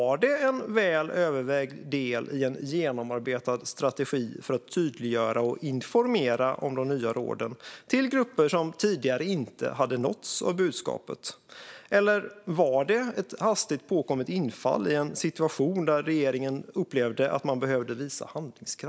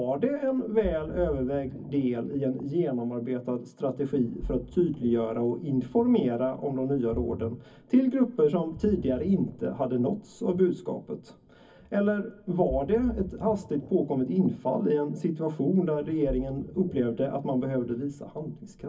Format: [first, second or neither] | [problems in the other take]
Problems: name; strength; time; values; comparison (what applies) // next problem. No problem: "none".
first | background sound (Ocean); 16 dB below the speech // room echo; dies away in 0.3 s